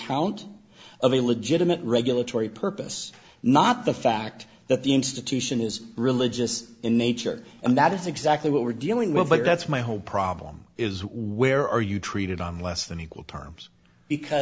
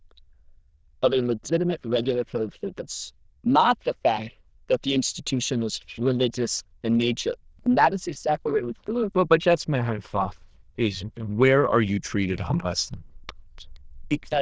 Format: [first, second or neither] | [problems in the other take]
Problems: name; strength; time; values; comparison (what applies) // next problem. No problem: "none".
first | noise reduction (neural diffusion model UNIVERSE++)